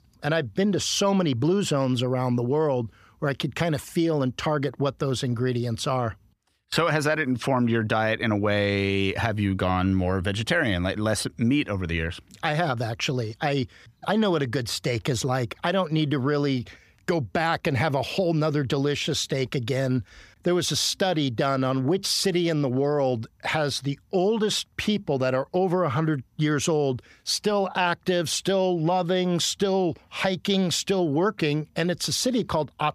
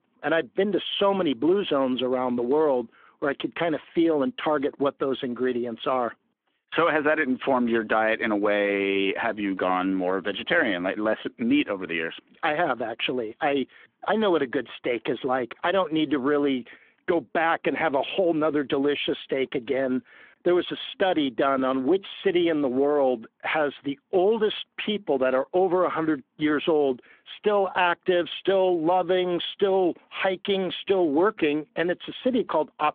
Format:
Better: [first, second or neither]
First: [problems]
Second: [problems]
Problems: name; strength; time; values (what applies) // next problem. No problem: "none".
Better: first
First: none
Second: phone-call audio; nothing above 3.5 kHz